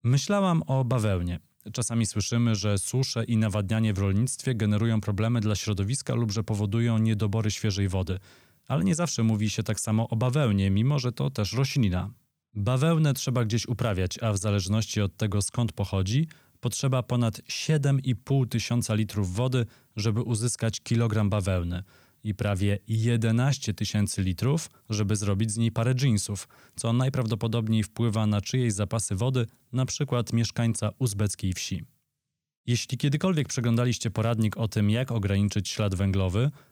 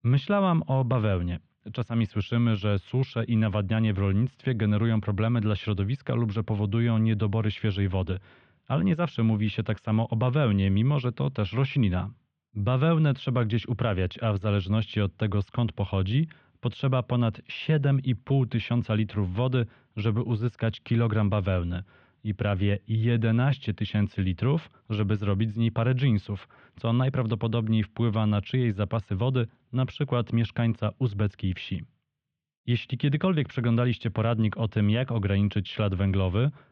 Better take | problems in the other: first | muffled; very; fading above 3.5 kHz

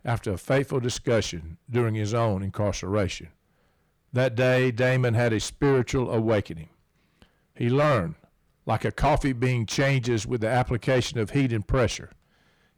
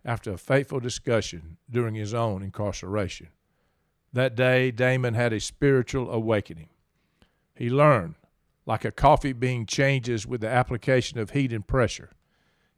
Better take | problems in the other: second | distortion; heavy; 8 dB below the speech

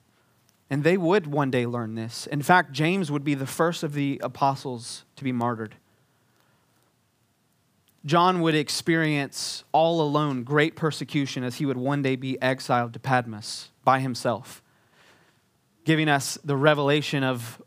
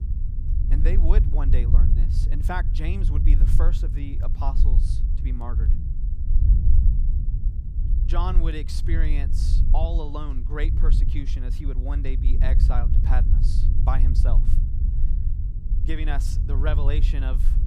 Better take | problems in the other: first | low rumble; loud; throughout; 7 dB below the speech

